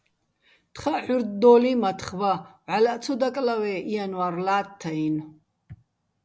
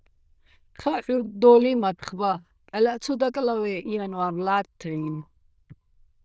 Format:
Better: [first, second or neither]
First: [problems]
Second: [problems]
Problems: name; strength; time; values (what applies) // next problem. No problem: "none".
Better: first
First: none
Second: noise reduction (neural diffusion model UNIVERSE++)